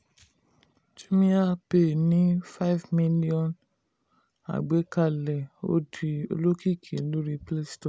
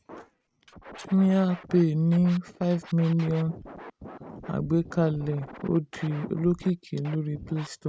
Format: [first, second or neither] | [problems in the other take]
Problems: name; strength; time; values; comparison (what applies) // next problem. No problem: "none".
first | noise reduction (neural mask model RNNoise)